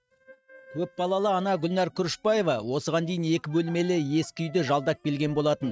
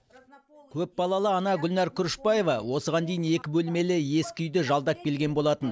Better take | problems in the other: second | noise reduction (neural mask model RNNoise)

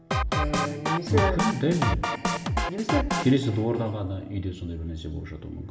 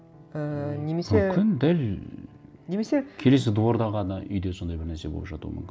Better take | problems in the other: second | background sound (Drum kit); as loud as the speech // room echo; dies away in 1.5 s

